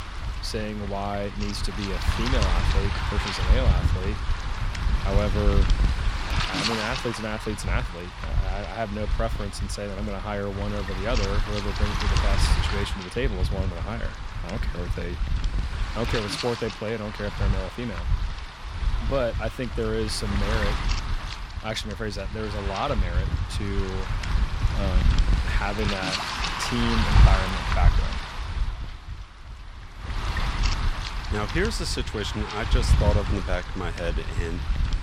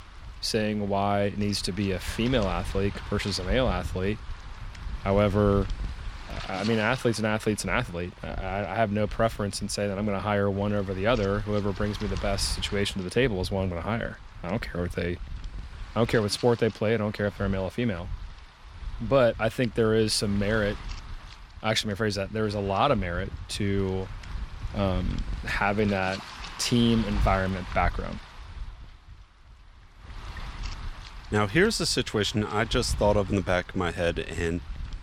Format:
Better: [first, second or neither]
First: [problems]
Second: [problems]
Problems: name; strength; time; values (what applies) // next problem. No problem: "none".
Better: second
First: wind noise on the microphone; heavy; as loud as the speech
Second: wind noise on the microphone; occasional gusts; 15 dB below the speech